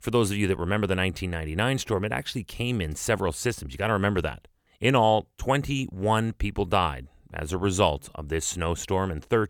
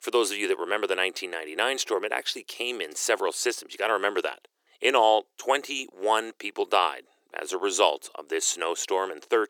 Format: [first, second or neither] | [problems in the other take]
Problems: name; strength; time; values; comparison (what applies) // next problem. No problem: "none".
first | thin; very; fading below 350 Hz